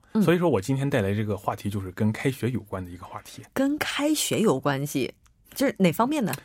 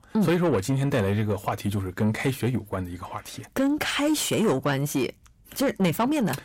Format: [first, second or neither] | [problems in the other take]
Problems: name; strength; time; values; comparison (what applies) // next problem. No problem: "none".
first | distortion; slight; 10 dB below the speech